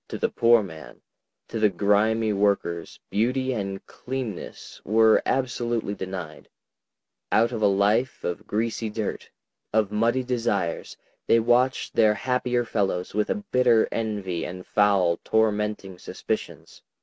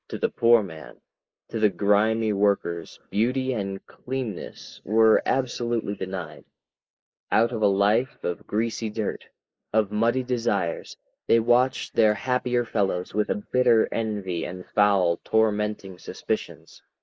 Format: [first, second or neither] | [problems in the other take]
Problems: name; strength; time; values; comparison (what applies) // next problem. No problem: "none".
first | noise reduction (neural mask model Resemble Enhance denoiser)